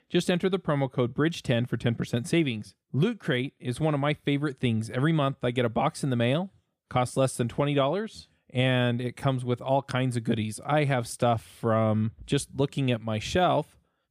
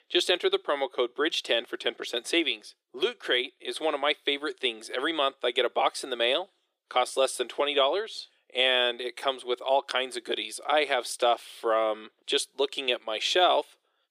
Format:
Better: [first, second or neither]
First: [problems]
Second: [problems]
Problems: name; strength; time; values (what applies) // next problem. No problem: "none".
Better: first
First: none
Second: thin; very; fading below 350 Hz